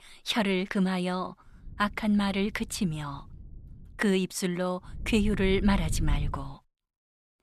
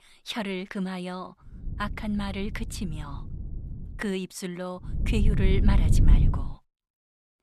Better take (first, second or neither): first